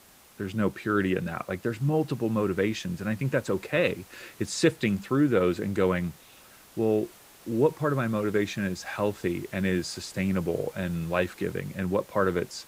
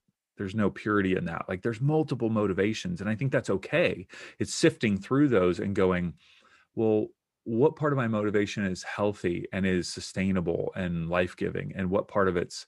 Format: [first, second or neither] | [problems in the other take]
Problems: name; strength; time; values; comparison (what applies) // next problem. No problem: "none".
second | hiss; faint; throughout; 25 dB below the speech